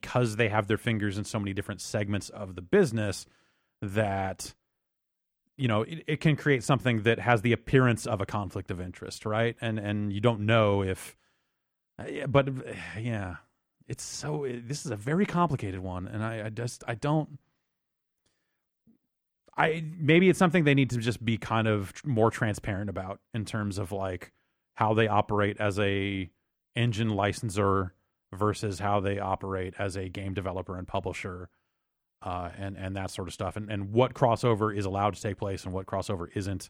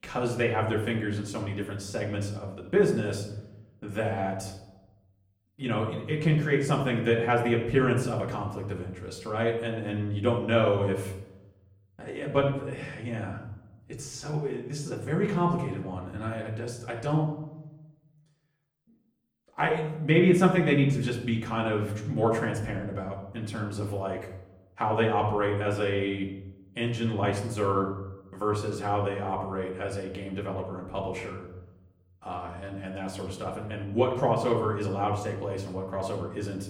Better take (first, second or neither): first